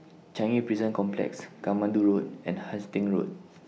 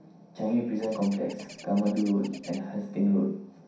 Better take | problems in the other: first | background sound (Bird); 20 dB below the speech // room echo; dies away in 0.6 s

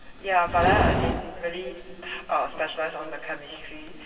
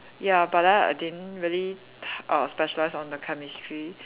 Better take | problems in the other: second | background sound (Livestock, farm animals, working animals); 3 dB below the speech // room echo; dies away in 2.5 s

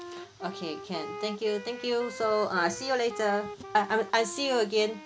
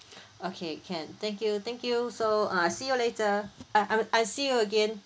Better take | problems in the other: second | background sound (Wind instrument, woodwind instrument); 13 dB below the speech

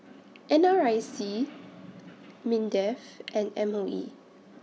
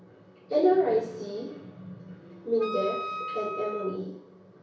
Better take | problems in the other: first | background sound (Wind instrument, woodwind instrument); 8 dB below the speech // room echo; dies away in 0.6 s

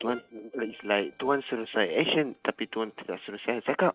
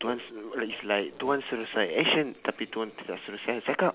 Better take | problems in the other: second | noise reduction (neural mask model RNNoise)

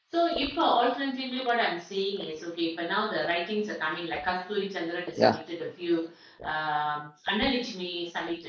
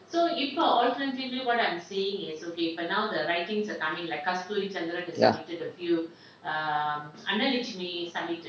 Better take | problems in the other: second | noise reduction (neural mask model Resemble Enhance denoiser)

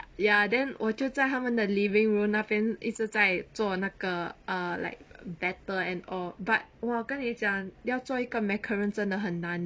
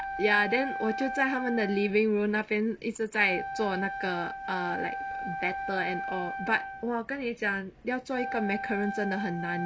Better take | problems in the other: first | background sound (Wind instrument, woodwind instrument); 7 dB below the speech

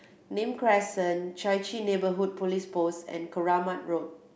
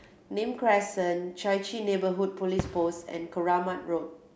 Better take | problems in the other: first | background sound (Fireworks); 16 dB below the speech

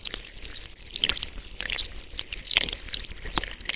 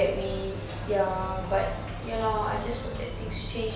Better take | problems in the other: second | noise reduction (neural separator model SepFormer WHAMR!)

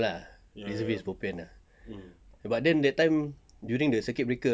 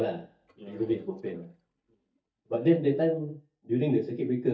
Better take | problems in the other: first | noise reduction (neural mask model DeepFilterNet 3)

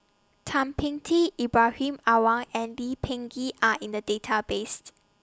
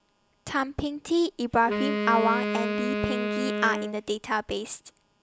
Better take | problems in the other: first | background sound (Wind instrument, woodwind instrument); 2 dB below the speech

